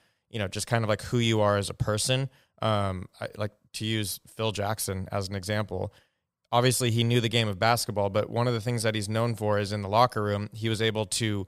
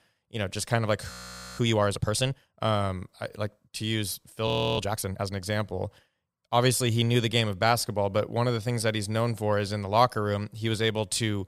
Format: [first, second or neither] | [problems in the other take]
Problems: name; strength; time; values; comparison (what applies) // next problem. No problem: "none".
first | audio freezing; at 1 s and at 4.5 s